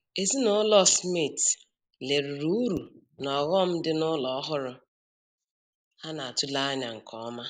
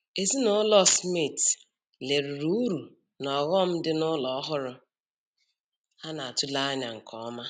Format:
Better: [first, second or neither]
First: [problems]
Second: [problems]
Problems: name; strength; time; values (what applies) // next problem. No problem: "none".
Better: second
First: noise reduction (neural mask model Resemble Enhance denoiser)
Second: none